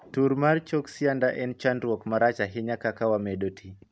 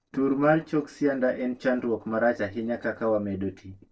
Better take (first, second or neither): first